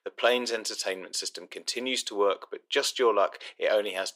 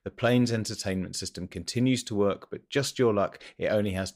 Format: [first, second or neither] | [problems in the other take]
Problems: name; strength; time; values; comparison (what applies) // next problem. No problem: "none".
second | thin; very; fading below 400 Hz